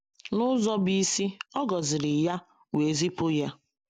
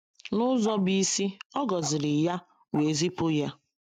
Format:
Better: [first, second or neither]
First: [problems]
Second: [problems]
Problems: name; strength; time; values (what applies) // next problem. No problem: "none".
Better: first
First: none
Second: noise reduction (neural mask model RNNoise)